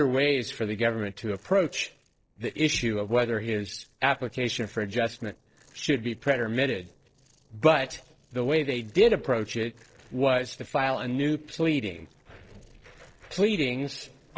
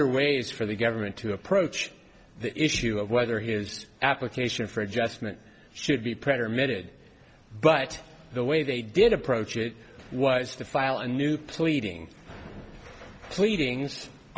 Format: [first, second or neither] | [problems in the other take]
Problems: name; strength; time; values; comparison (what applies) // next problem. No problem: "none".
second | noise reduction (neural separator model SepFormer DNS4)